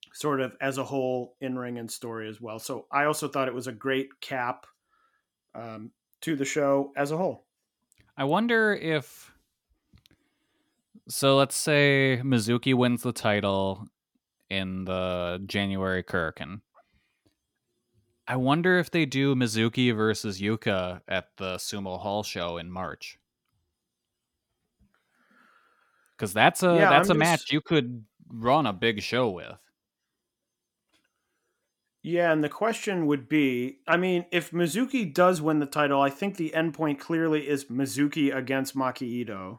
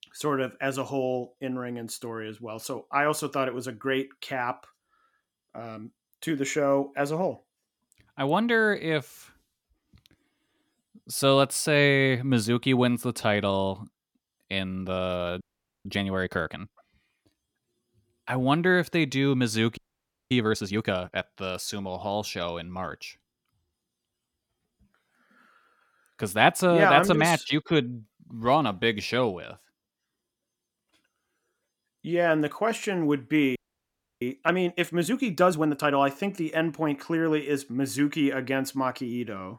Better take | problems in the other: first | audio freezing; at 15 s, at 20 s for 0.5 s and at 34 s for 0.5 s

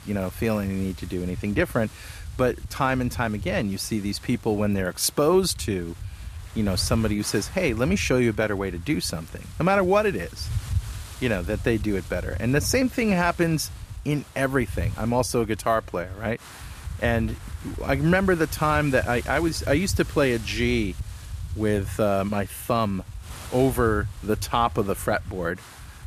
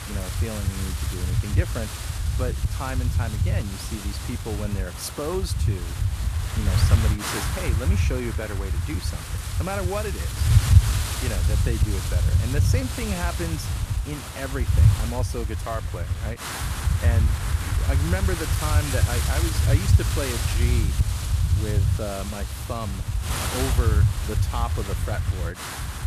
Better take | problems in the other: first | wind noise on the microphone; heavy; as loud as the speech; occasional gusts in the first

